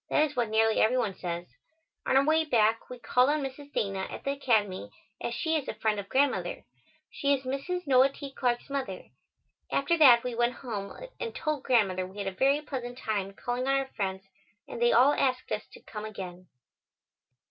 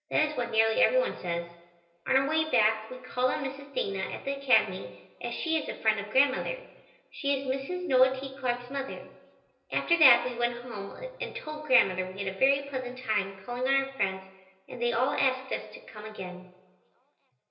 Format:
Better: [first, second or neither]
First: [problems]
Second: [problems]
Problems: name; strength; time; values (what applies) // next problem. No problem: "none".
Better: first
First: none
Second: room echo; dies away in 1.4 s